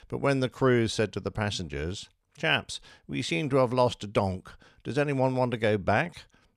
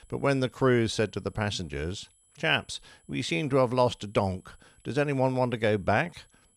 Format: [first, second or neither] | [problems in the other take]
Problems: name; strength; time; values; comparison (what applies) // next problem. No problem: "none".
first | high-pitched whine; faint; throughout; 11 kHz, 35 dB below the speech